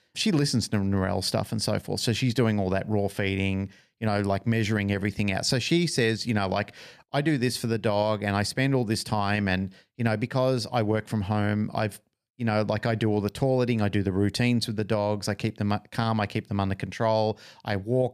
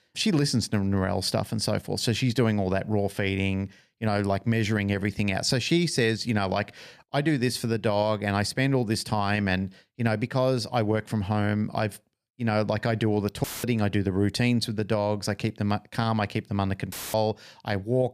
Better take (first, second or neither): first